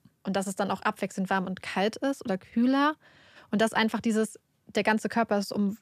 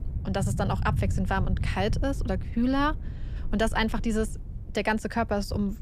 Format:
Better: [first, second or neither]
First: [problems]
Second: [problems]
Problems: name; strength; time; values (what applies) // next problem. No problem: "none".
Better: first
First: none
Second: low rumble; noticeable; throughout; 15 dB below the speech